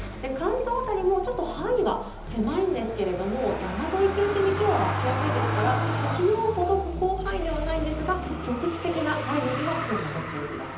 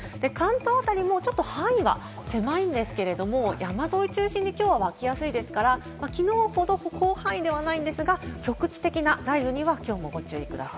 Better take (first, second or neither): second